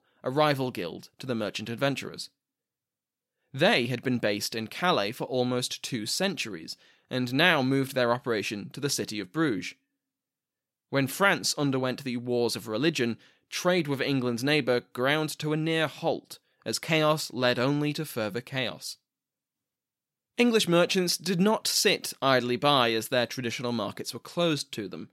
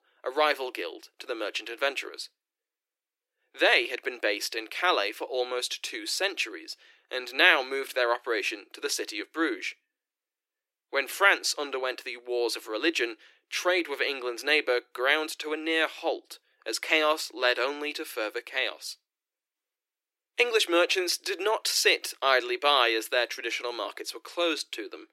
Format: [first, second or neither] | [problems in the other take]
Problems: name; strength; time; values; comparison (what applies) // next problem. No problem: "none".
first | thin; very; fading below 300 Hz